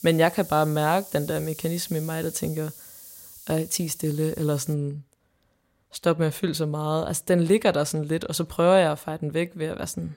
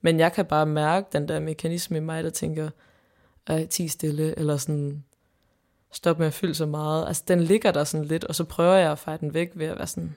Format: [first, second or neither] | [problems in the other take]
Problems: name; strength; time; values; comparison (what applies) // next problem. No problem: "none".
second | hiss; noticeable; until 4.5 s; 15 dB below the speech